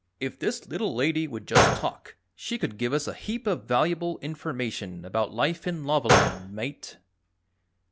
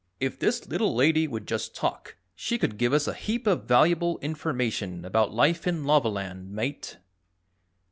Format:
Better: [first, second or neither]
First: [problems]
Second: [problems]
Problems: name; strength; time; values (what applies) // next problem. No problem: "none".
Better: second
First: background sound (Gunshot, gunfire); 2 dB above the speech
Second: none